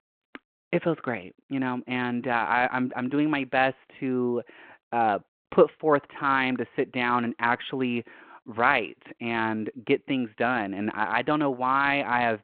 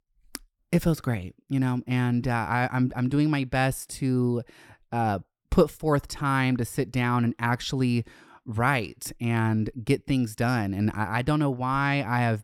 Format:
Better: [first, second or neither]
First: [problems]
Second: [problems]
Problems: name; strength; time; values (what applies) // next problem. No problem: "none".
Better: second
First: phone-call audio; nothing above 4 kHz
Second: none